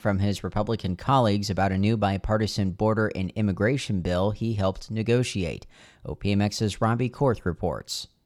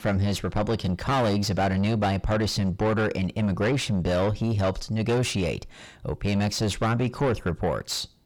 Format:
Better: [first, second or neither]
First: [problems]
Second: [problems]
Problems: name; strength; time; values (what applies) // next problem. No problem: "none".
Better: first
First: none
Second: distortion; heavy; 6 dB below the speech